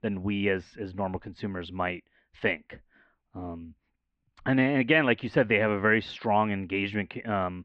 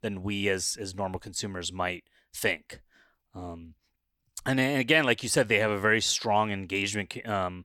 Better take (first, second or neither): second